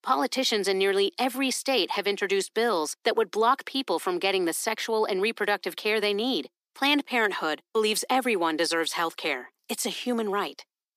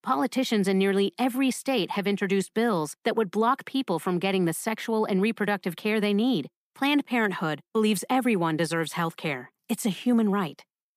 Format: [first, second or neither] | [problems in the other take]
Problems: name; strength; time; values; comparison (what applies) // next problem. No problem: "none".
second | thin; somewhat; fading below 300 Hz